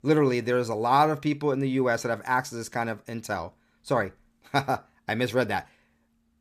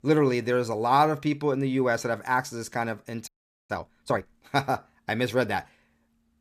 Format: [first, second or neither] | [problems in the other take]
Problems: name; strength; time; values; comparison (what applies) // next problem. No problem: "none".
first | audio freezing; at 3.5 s